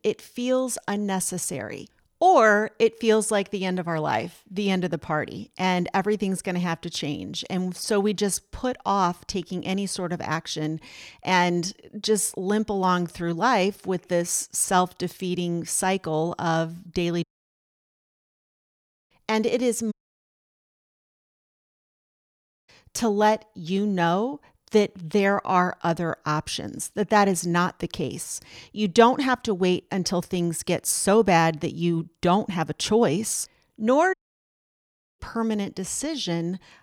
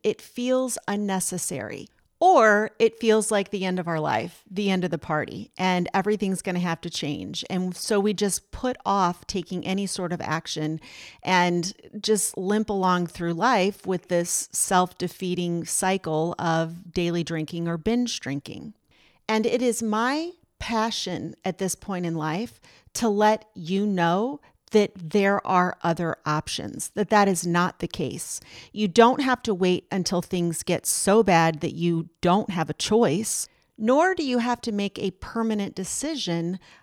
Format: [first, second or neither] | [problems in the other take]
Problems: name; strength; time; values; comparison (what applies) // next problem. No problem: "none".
second | audio cutting out; at 17 s for 2 s, at 20 s for 3 s and at 34 s for 1 s